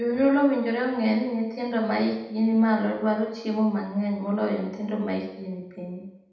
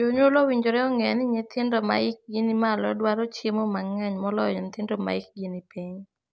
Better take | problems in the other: second | room echo; dies away in 0.8 s

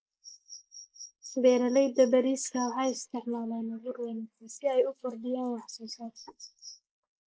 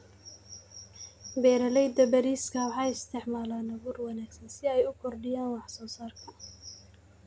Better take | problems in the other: second | noise reduction (neural mask model Resemble Enhance denoiser)

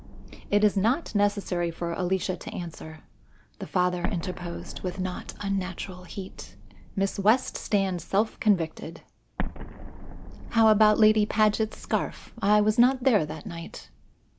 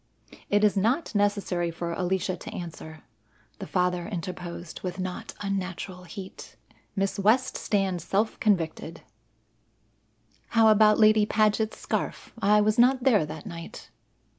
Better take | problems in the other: second | background sound (Explosion); 12 dB below the speech

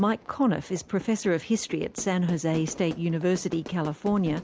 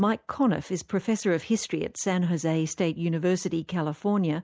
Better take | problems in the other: second | background sound (Fire / Fireworks); 17 dB below the speech

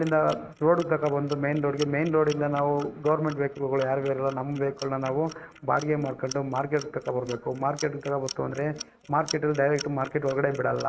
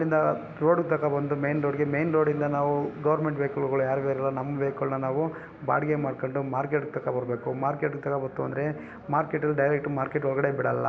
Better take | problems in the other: second | noise reduction (neural mask model RNNoise)

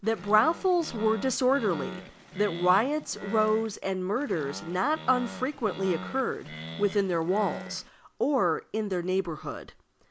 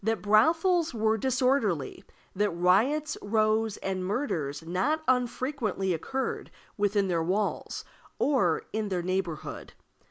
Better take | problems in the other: second | background sound (Animal); 13 dB below the speech

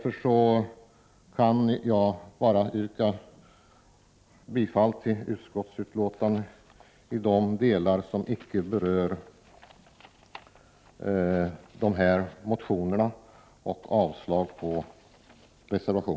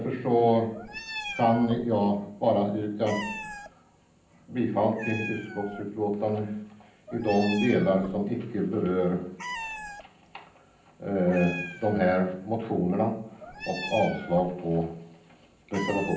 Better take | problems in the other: first | background sound (Meow); 13 dB below the speech // room echo; dies away in 0.6 s

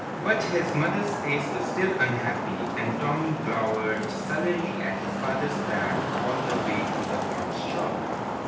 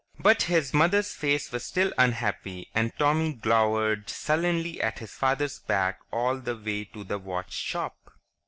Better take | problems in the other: second | background sound (Traffic noise, roadway noise); as loud as the speech // room echo; dies away in 0.9 s

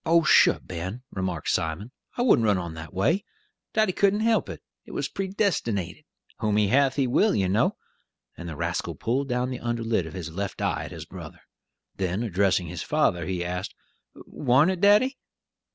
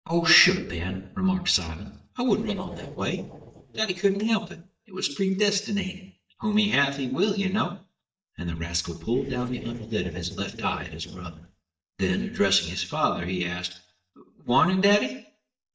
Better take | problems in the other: first | noise reduction (neural mask model DeepFilterNet 3)

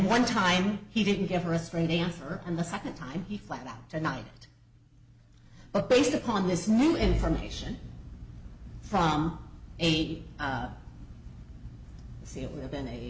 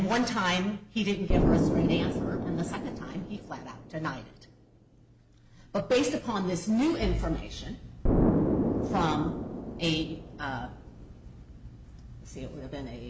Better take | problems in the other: first | background sound (Explosion); as loud as the speech

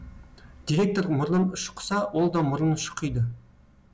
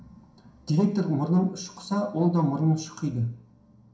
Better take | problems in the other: first | room echo; dies away in 0.5 s

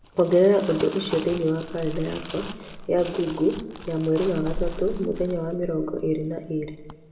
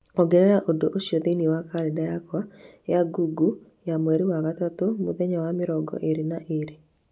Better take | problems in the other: second | background sound (Crumpling, crinkling); 11 dB below the speech // room echo; dies away in 1.4 s

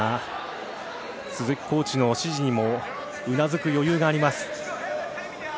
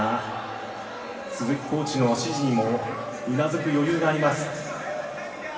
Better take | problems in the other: first | room echo; dies away in 2.3 s

